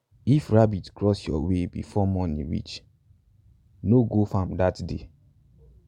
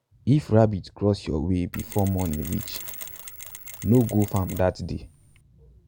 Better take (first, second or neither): first